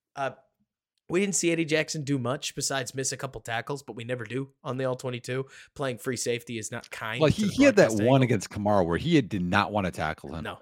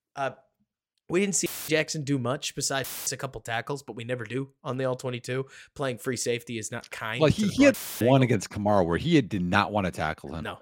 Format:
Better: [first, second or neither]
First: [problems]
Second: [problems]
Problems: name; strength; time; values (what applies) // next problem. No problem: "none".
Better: first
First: none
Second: audio cutting out; filled with static; at 1.5 s, at 3 s and at 7.5 s